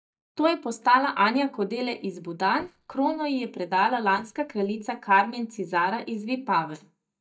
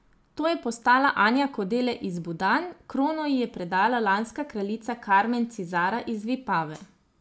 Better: second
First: noise reduction (neural mask model DeepFilterNet 3)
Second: none

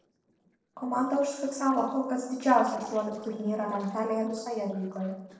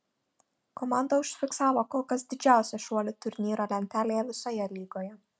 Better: second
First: noise reduction (neural separator model SepFormer DNS4)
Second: none

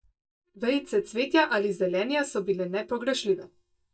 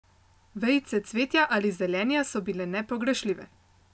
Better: second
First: noise reduction (neural mask model DeepFilterNet 3)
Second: none

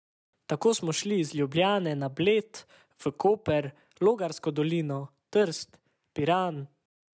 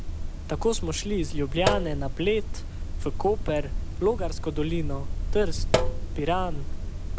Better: first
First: none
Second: background sound (Sink (filling or washing)); 1 dB above the speech

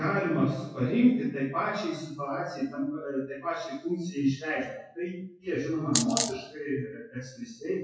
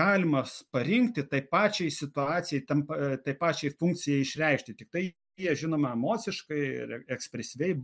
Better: second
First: noise reduction (classical method WPE with log-MMSE)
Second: none

